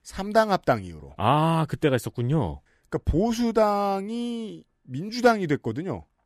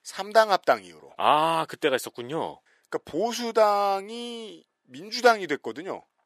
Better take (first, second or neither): first